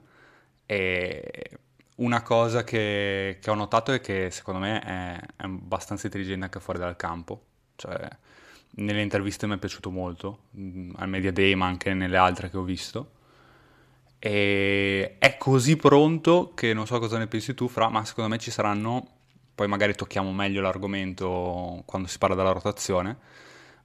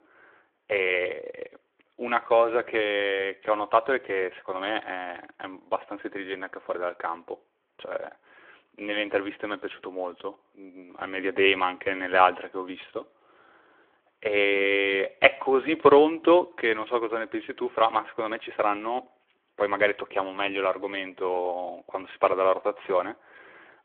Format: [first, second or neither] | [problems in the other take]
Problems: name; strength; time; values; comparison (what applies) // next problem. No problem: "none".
first | phone-call audio